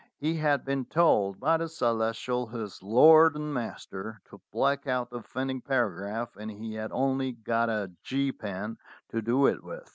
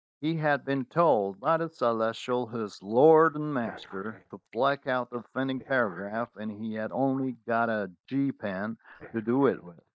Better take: first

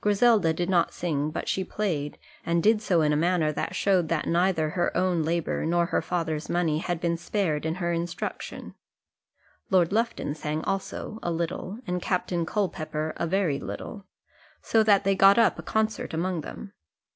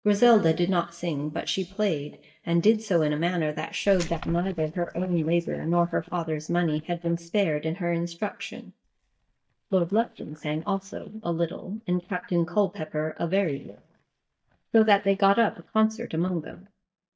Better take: first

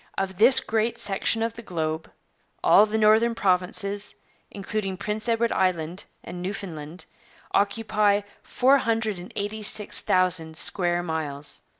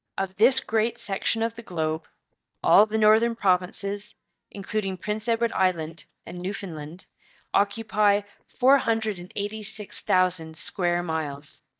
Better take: first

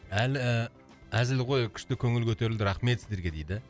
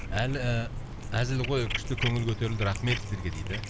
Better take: first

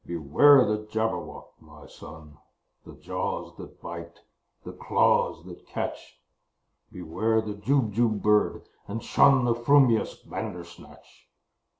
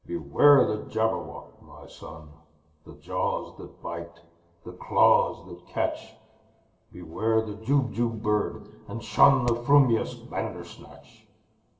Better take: first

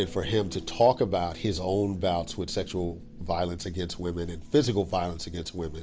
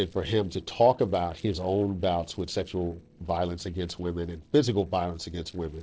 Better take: first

